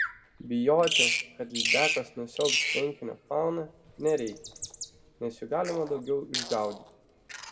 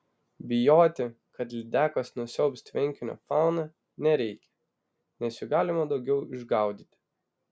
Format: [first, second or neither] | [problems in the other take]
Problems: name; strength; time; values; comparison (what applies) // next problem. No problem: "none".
second | background sound (Bird vocalization, bird call, bird song); 2 dB below the speech // room echo; dies away in 1.3 s